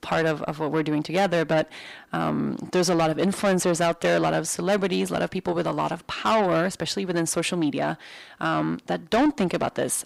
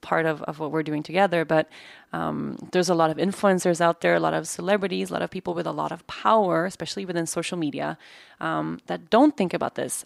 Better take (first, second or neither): second